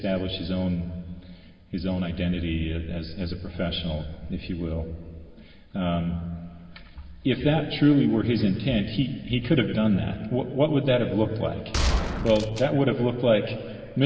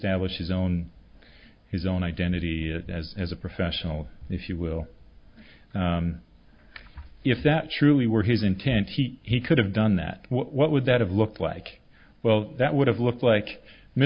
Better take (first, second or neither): second